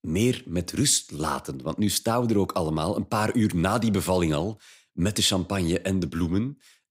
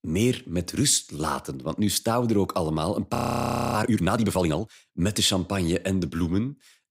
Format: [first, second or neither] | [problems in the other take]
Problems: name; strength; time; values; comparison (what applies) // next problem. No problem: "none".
first | audio freezing; at 3 s for 0.5 s